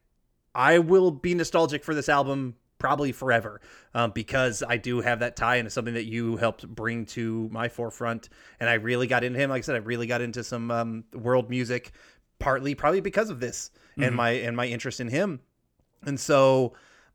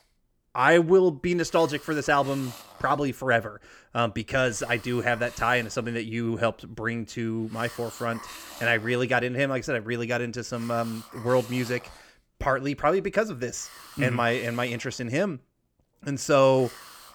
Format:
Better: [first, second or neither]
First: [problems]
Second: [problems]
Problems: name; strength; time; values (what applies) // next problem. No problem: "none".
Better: first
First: none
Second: hiss; noticeable; throughout; 20 dB below the speech